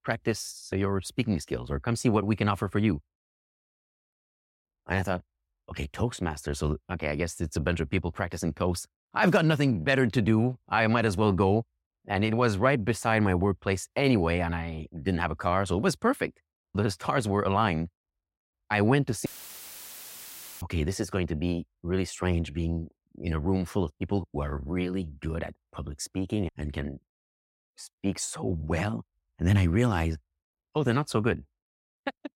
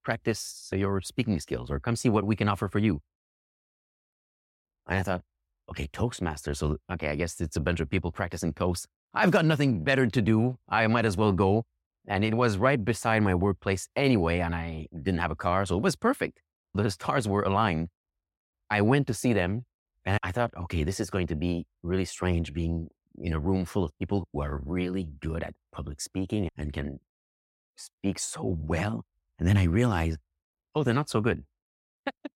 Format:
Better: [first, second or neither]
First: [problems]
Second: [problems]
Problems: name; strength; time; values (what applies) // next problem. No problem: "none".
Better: second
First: audio cutting out; filled with static; at 19 s for 1.5 s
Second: none